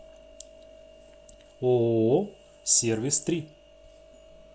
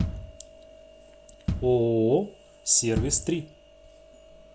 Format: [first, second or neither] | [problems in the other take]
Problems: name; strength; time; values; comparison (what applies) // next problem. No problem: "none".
first | background sound (Bass drum); 8 dB below the speech